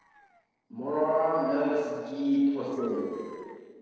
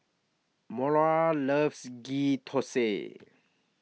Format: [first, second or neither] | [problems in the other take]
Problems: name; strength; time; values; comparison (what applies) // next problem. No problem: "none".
second | noise reduction (neural separator model SepFormer DNS4)